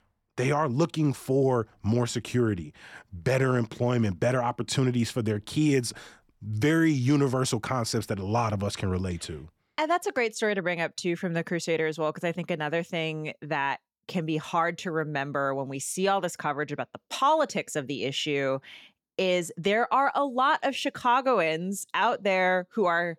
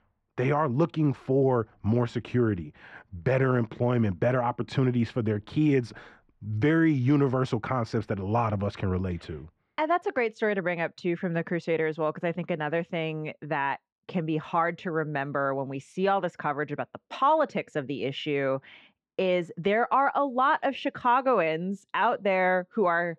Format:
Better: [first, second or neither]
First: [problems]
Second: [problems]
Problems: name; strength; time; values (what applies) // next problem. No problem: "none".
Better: first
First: none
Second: muffled; very; fading above 2.5 kHz